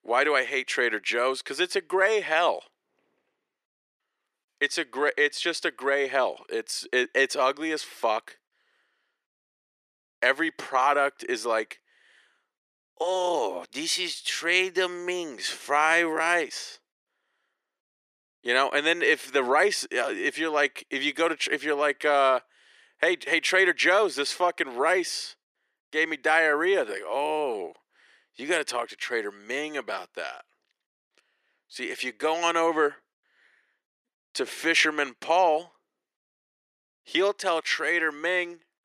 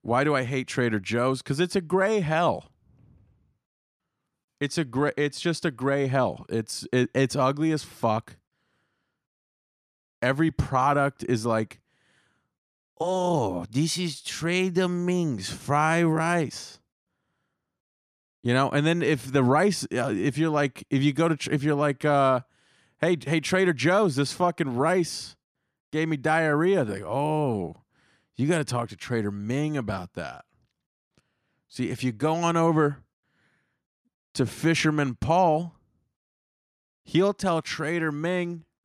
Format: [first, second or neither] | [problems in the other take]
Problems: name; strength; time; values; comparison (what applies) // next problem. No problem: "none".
second | thin; very; fading below 400 Hz